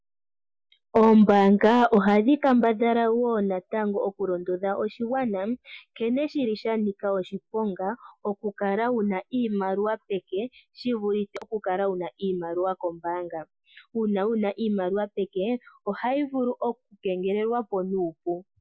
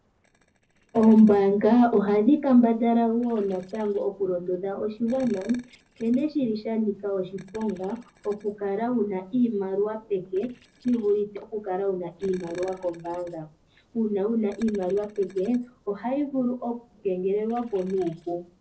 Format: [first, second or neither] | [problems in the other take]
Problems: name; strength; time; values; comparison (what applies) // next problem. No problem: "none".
first | noise reduction (neural separator model SepFormer DNS4)